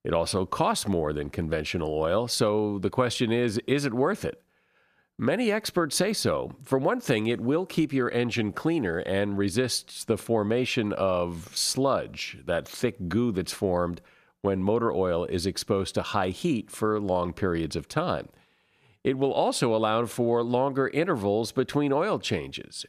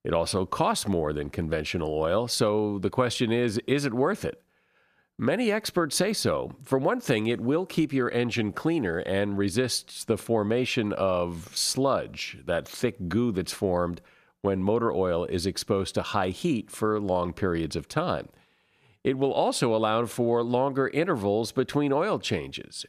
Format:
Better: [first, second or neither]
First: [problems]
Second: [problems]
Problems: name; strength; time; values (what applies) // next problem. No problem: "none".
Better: neither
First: none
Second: none